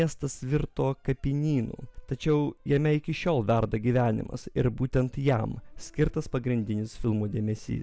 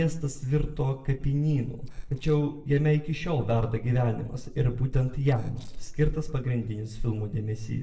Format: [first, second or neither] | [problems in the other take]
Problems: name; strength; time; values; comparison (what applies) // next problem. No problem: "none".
first | noise reduction (neural separator model SepFormer DNS4)